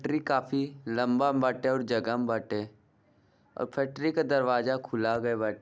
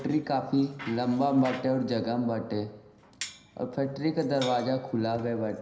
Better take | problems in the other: first | background sound (Bicycle); 18 dB below the speech // room echo; dies away in 0.9 s

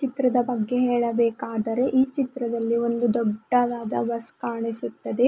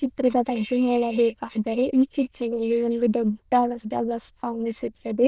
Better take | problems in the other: first | noise reduction (neural diffusion model UNIVERSE++)

